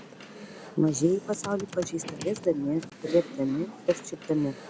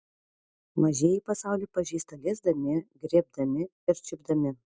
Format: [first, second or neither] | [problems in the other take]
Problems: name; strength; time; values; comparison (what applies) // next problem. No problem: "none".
second | background sound (Computer keyboard); 13 dB below the speech